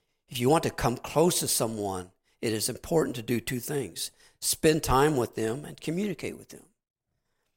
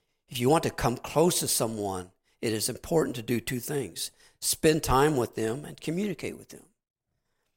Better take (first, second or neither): neither